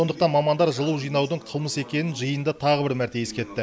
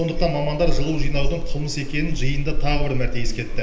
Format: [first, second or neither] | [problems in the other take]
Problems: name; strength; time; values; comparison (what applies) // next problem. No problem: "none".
first | background sound (Fire); 5 dB above the speech // room echo; dies away in 0.8 s